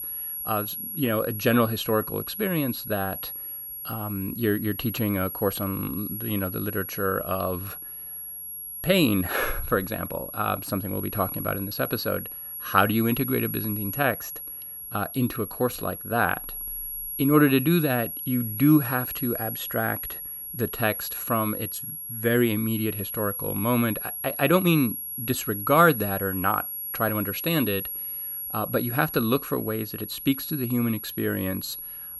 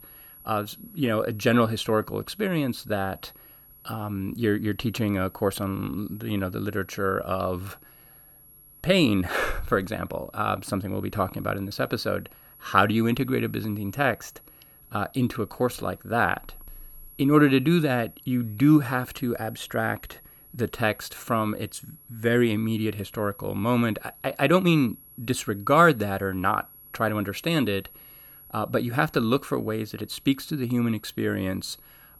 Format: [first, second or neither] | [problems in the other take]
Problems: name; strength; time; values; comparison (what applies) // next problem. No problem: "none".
second | high-pitched whine; loud; throughout; 11.5 kHz, 6 dB below the speech; faint in the second